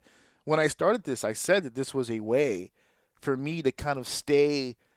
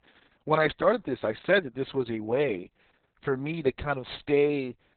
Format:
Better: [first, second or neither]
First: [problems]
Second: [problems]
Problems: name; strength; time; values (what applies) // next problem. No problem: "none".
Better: first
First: garbled, watery; slightly; nothing above 17.5 kHz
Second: garbled, watery; badly; nothing above 4 kHz